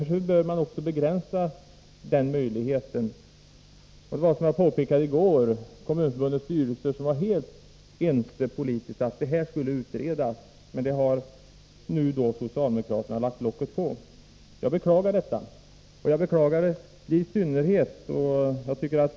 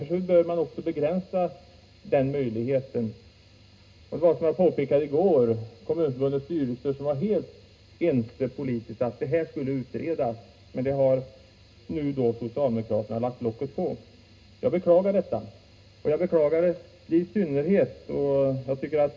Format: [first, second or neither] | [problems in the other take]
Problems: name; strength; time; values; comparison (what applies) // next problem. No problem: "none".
first | room echo; dies away in 0.2 s